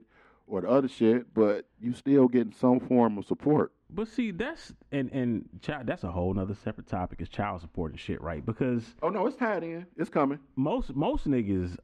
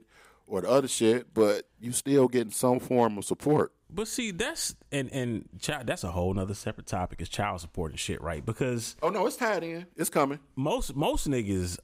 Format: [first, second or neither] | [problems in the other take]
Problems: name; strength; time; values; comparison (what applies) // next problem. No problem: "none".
second | muffled; very; fading above 2 kHz